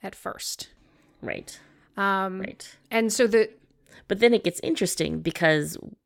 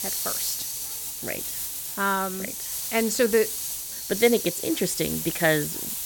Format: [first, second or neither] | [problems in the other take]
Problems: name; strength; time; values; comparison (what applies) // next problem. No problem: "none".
first | hiss; loud; throughout; 3 dB below the speech